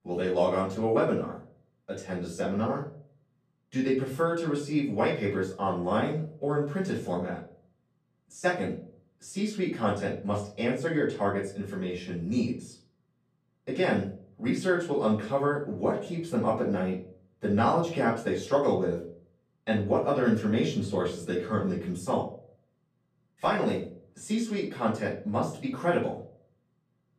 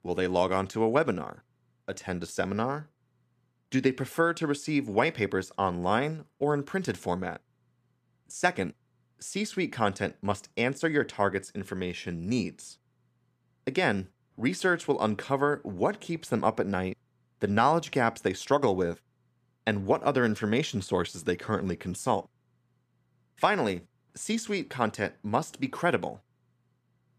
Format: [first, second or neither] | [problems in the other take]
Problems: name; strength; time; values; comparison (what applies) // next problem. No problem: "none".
second | room echo; slight; dies away in 0.4 s // off-mic speech; far